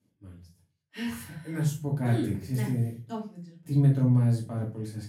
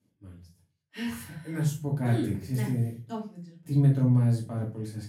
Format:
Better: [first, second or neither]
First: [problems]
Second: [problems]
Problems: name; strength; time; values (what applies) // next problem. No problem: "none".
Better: neither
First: off-mic speech; far // room echo; slight; dies away in 0.3 s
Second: off-mic speech; far // room echo; slight; dies away in 0.3 s